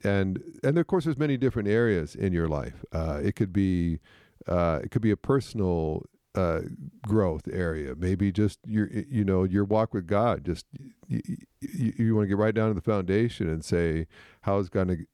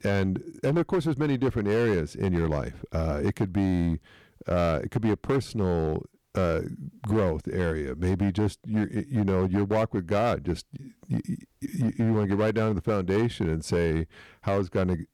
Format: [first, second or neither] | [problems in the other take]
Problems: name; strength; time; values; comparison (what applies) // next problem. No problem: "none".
first | distortion; slight; 10% of the sound clipped